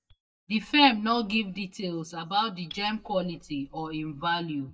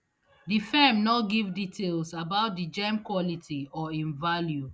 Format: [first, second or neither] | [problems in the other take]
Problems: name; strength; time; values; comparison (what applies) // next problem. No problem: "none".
second | noise reduction (neural mask model DeepFilterNet 3)